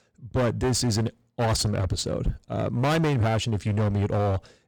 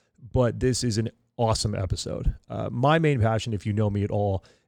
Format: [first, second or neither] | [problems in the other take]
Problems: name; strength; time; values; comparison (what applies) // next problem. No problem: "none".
second | distortion; heavy; 18% of the sound clipped